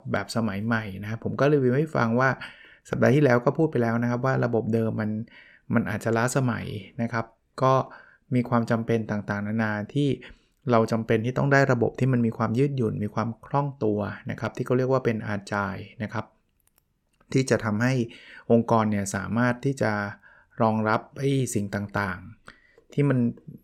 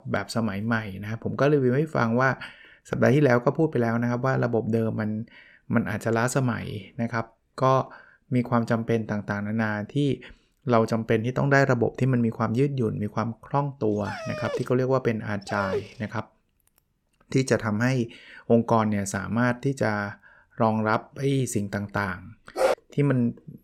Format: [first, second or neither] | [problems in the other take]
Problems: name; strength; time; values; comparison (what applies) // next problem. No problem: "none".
first | dog barking; noticeable; from 14 to 16 s; peak 6 dB below the speech // dog barking; loud; at 23 s; peak level with the speech